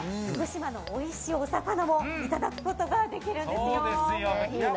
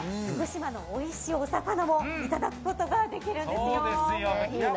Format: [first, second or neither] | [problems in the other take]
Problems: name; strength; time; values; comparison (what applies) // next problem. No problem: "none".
second | background sound (Tap / Glass); 19 dB below the speech